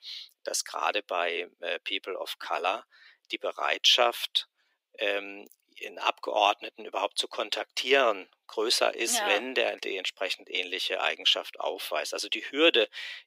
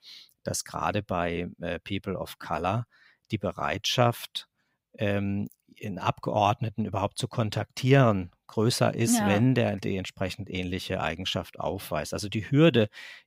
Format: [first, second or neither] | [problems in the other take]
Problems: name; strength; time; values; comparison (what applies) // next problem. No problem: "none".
second | thin; very; fading below 350 Hz